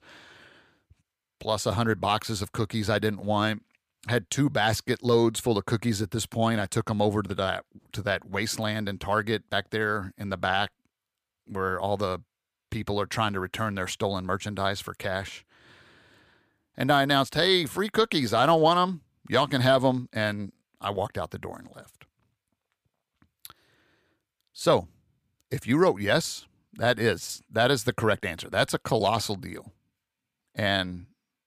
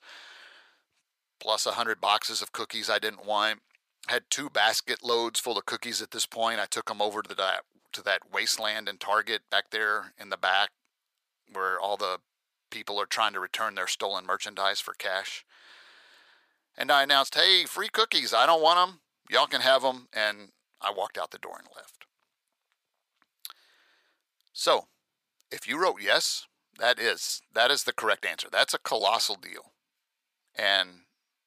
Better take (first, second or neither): first